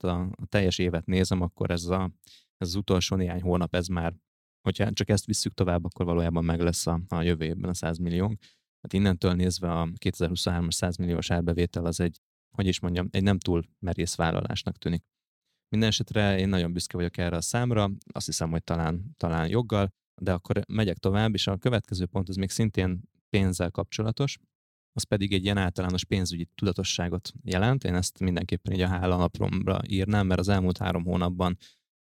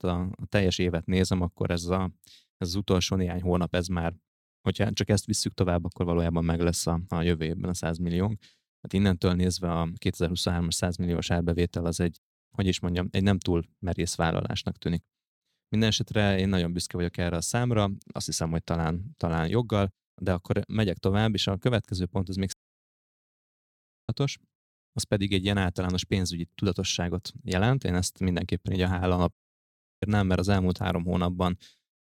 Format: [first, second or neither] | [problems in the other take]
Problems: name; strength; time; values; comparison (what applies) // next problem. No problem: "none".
first | audio cutting out; at 23 s for 1.5 s and at 29 s for 0.5 s